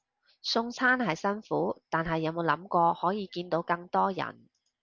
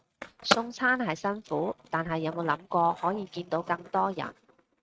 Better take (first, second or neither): first